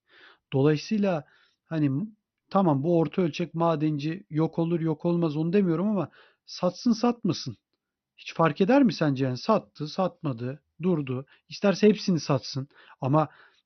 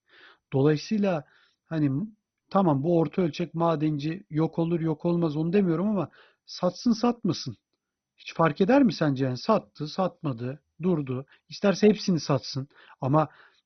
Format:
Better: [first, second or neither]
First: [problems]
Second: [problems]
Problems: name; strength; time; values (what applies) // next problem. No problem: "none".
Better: first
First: garbled, watery; slightly; nothing above 6 kHz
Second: garbled, watery; badly; nothing above 6 kHz